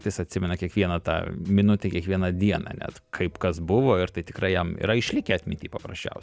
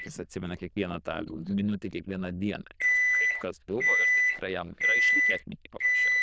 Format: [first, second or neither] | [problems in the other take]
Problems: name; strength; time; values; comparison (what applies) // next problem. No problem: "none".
first | noise reduction (neural diffusion model UNIVERSE++)